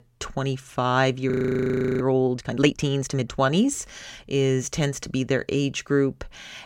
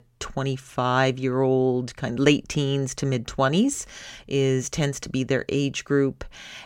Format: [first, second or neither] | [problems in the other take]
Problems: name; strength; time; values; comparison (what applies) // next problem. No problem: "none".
second | audio freezing; at 1.5 s for 0.5 s